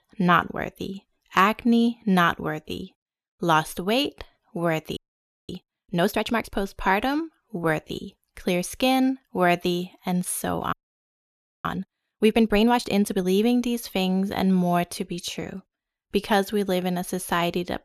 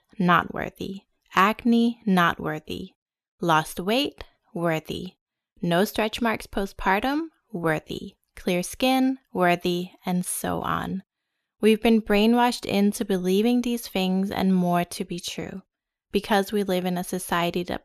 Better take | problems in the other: second | audio freezing; at 5 s for 0.5 s and at 11 s for 1 s

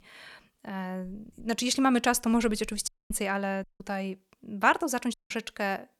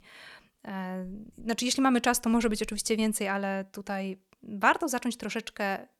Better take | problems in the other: second | audio cutting out; at 3 s, at 3.5 s and at 5 s

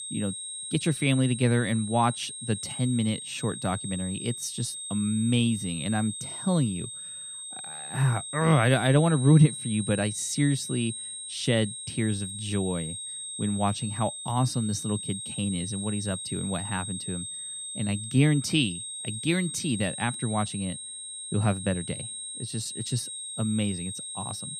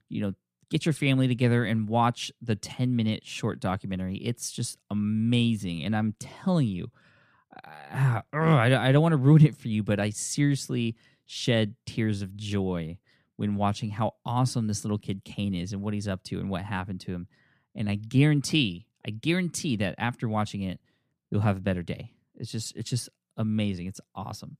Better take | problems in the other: second | high-pitched whine; loud; throughout; 8.5 kHz, 7 dB below the speech

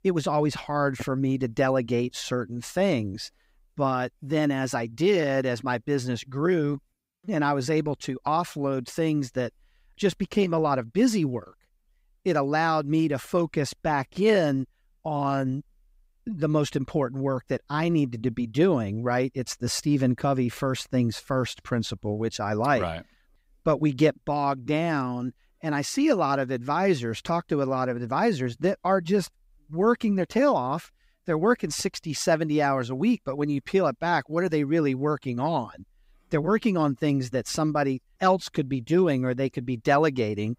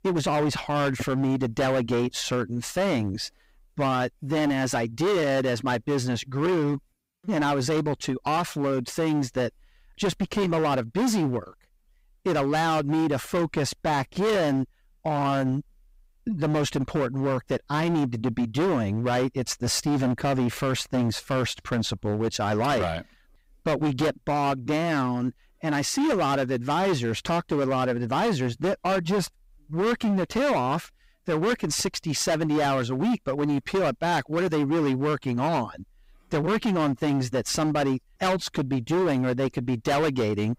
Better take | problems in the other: first | distortion; heavy; 20% of the sound clipped

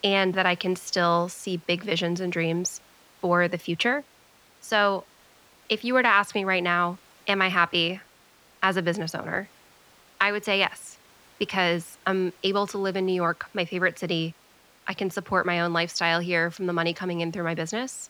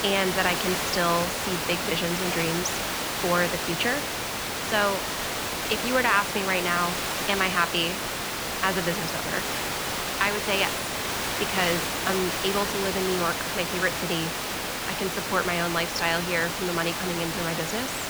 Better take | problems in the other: first | hiss; loud; throughout; 1 dB below the speech; faint in the first

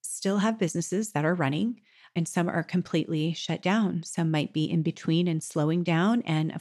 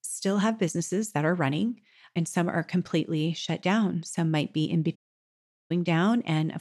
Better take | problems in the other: first | audio cutting out; at 5 s for 0.5 s

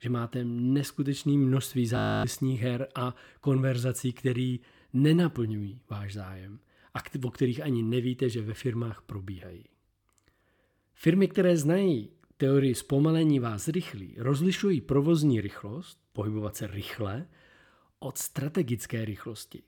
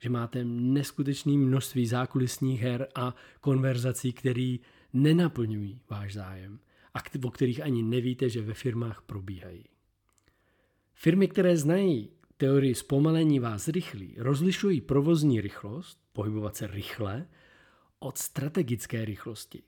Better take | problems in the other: second | audio freezing; at 2 s

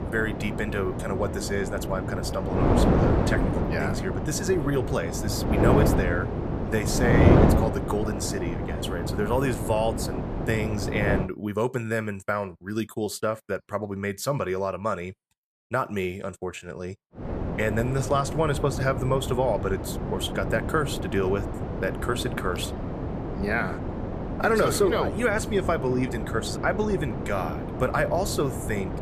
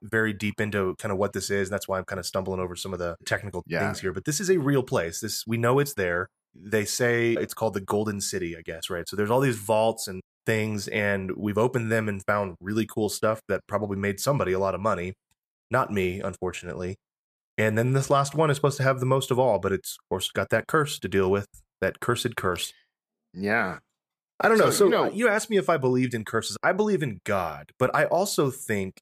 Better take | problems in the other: second | wind noise on the microphone; heavy; until 11 s and from 17 s on; 4 dB below the speech

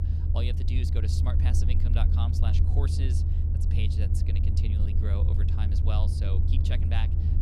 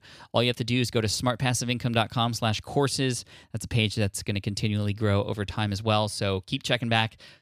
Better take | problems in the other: second | low rumble; loud; throughout; 1 dB below the speech

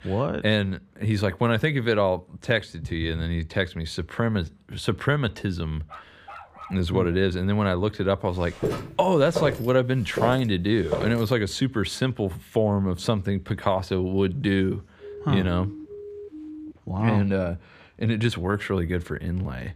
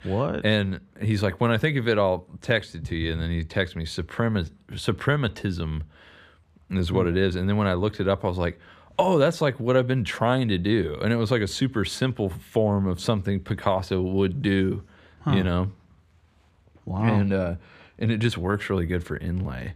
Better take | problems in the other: second | dog barking; faint; at 6 s; peak 15 dB below the speech // footsteps; noticeable; from 8.5 to 11 s; peak 4 dB below the speech // siren; faint; from 15 to 17 s; peak 15 dB below the speech

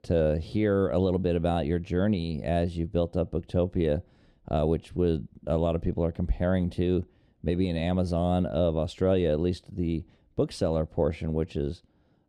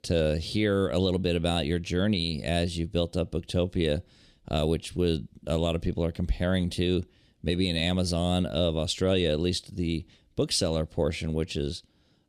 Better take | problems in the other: second | muffled; very; fading above 2.5 kHz

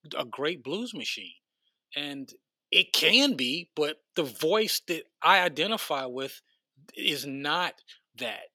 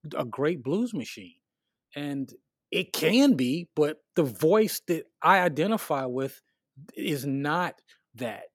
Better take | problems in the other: second | thin; very slightly; fading below 950 Hz

